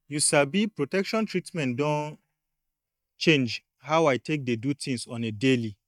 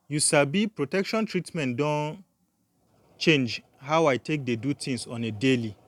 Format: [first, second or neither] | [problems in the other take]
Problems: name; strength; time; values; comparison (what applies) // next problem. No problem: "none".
second | noise reduction (neural mask model DeepFilterNet 3)